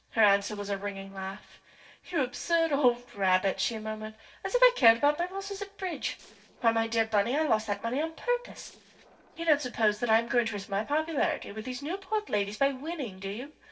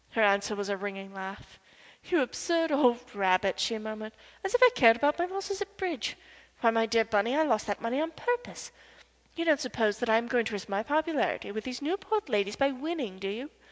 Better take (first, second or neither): second